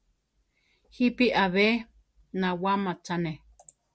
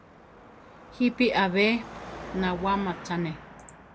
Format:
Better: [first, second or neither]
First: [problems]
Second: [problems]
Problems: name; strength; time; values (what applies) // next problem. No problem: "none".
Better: first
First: none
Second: background sound (Car passing by / Traffic noise, roadway noise / Engine); 14 dB below the speech